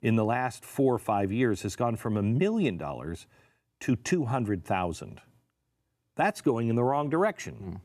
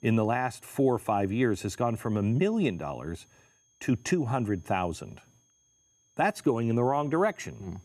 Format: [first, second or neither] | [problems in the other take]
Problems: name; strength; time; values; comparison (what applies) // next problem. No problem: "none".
first | high-pitched whine; faint; throughout; 6.5 kHz, 35 dB below the speech